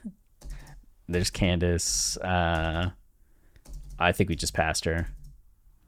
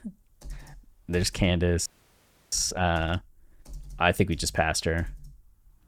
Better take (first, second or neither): first